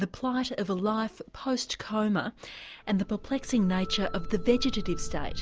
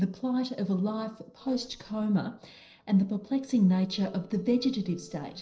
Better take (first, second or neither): first